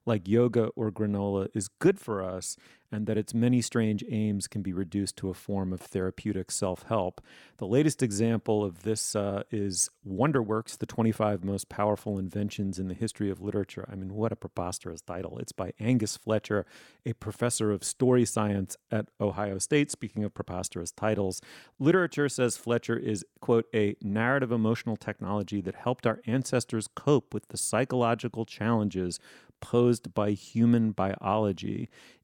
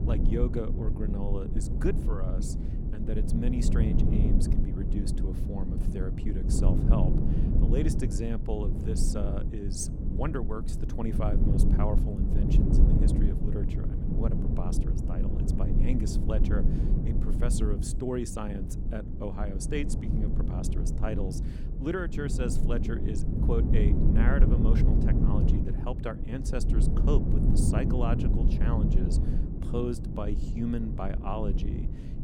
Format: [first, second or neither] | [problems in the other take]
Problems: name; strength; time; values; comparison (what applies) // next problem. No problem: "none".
first | low rumble; loud; throughout; 2 dB below the speech